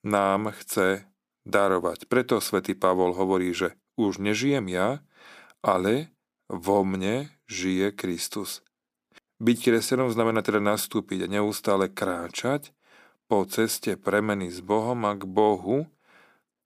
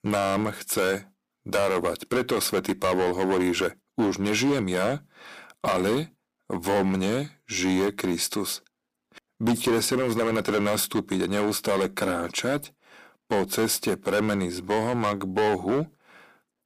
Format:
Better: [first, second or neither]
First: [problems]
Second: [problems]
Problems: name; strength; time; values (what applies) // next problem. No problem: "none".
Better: first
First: none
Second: distortion; heavy; 10% of the sound clipped